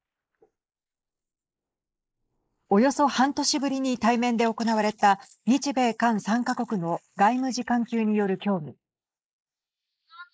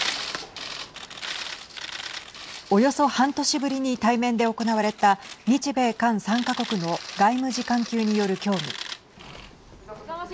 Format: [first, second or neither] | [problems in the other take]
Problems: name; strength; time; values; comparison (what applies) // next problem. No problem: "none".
second | noise reduction (neural mask model Resemble Enhance denoiser)